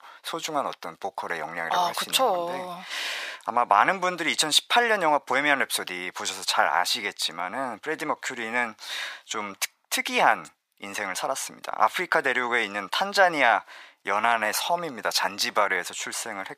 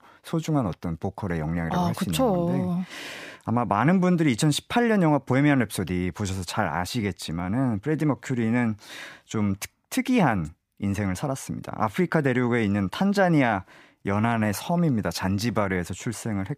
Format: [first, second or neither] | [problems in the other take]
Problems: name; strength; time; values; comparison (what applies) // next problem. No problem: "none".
second | thin; very; fading below 850 Hz